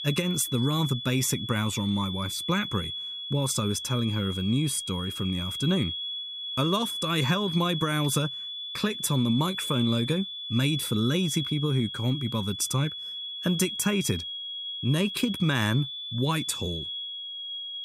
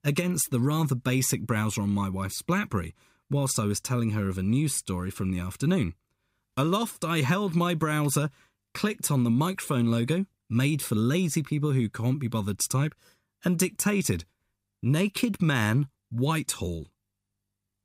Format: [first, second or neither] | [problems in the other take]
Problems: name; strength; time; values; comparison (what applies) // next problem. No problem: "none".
second | high-pitched whine; loud; throughout; 3.5 kHz, 5 dB below the speech